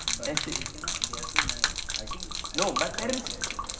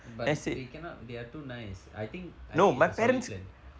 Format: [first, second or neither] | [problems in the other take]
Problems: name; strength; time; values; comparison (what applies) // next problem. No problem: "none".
second | background sound (Gurgling / Liquid); 5 dB above the speech // room echo; dies away in 2.2 s